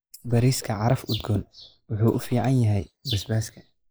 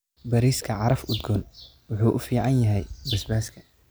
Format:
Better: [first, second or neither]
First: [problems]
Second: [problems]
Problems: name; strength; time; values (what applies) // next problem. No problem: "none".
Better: second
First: noise reduction (neural mask model Resemble Enhance denoiser)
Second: none